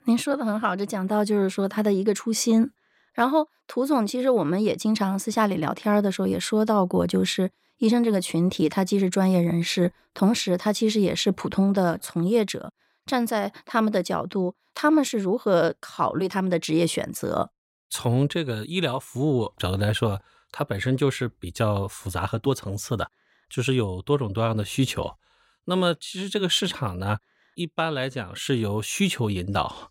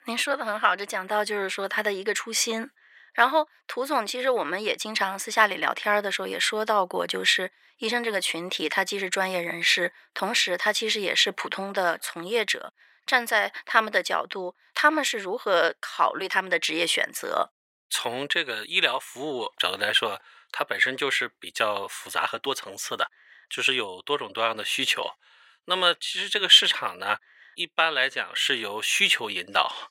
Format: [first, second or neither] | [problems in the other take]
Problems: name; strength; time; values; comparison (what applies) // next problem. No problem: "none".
first | thin; very; fading below 550 Hz